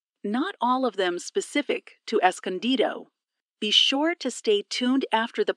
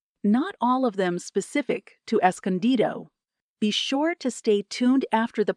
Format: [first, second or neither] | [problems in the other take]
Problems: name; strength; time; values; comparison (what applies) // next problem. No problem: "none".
second | thin; very slightly; fading below 300 Hz